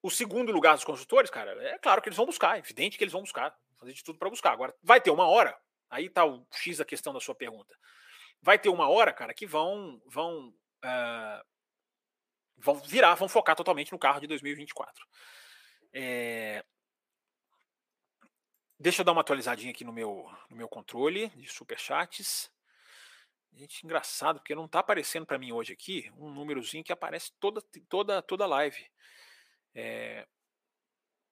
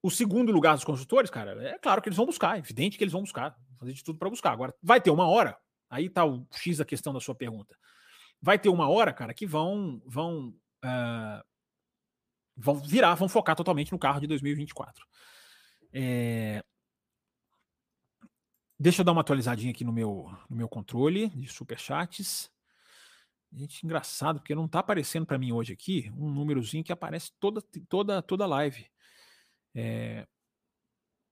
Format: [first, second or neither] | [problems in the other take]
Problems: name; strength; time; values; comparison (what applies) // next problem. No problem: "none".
second | thin; somewhat; fading below 500 Hz